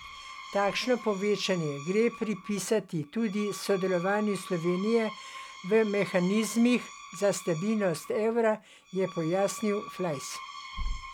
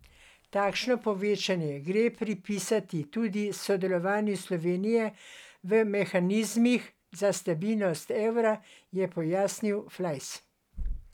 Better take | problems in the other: second | background sound (Screech); 15 dB below the speech

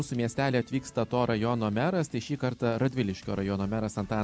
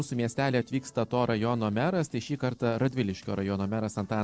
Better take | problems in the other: first | noise reduction (neural separator model SepFormer DNS4)

